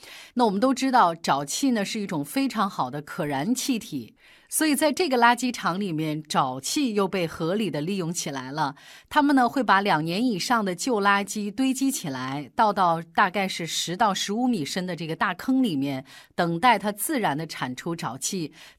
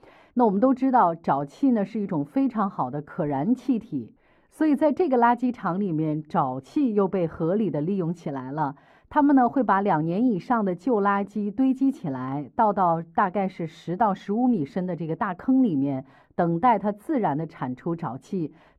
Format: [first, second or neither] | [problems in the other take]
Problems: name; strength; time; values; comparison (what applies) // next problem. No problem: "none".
first | muffled; very; fading above 2.5 kHz